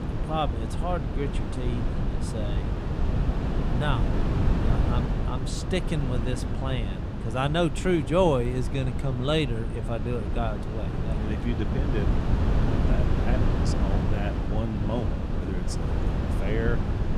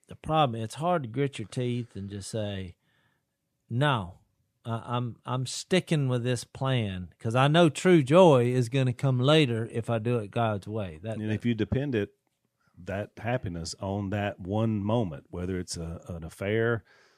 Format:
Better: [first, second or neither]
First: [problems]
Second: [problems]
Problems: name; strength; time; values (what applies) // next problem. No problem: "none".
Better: second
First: wind noise on the microphone; heavy; 4 dB below the speech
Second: none